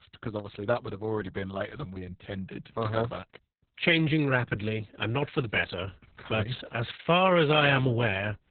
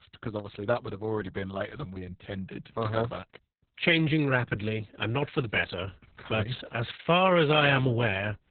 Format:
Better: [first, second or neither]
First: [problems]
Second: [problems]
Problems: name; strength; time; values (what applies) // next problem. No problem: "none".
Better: neither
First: garbled, watery; badly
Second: garbled, watery; badly